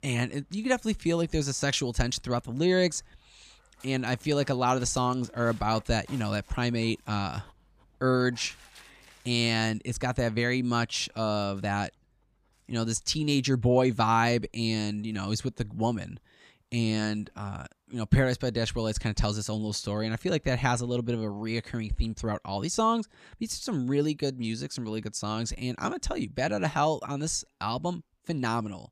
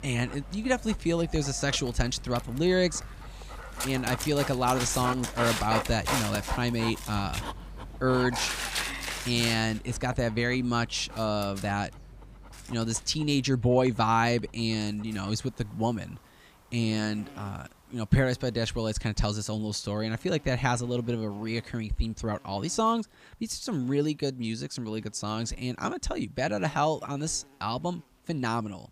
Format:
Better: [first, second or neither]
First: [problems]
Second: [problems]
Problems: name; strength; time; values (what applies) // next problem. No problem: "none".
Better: first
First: animal sounds; faint; throughout; 30 dB below the speech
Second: animal sounds; loud; throughout; 7 dB below the speech